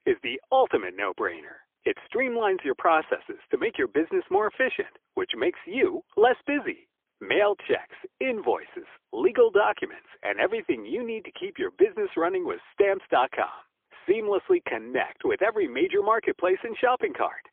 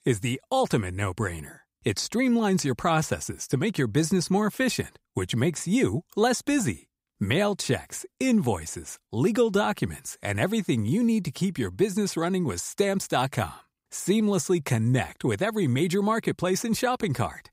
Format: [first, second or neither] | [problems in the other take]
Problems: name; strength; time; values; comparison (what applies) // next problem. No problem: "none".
second | phone-call audio; poor line; nothing above 3.5 kHz